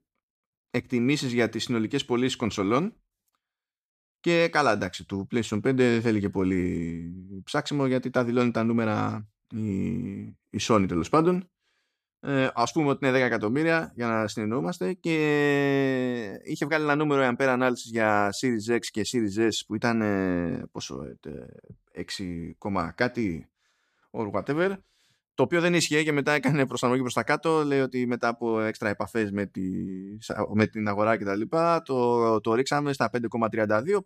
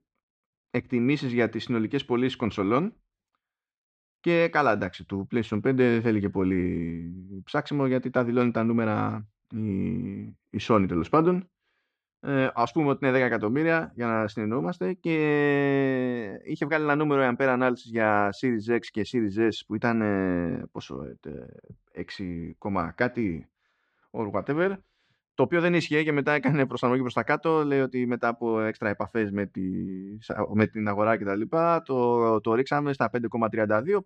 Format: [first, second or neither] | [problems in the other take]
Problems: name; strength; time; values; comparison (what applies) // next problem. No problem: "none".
first | muffled; slightly; fading above 3 kHz